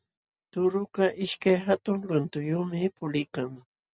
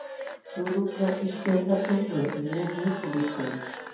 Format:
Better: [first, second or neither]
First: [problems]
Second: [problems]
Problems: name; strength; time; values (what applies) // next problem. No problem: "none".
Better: first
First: none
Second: background sound (Applause / Cheering / Clapping); 10 dB below the speech // room echo; dies away in 1.2 s